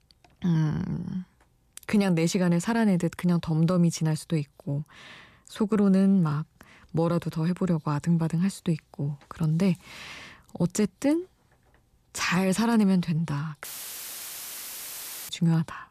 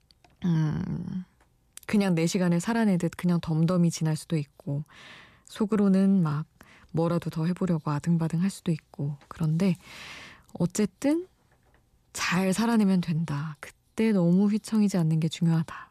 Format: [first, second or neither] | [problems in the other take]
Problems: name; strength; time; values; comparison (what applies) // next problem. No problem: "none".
second | audio cutting out; filled with static; at 14 s for 1.5 s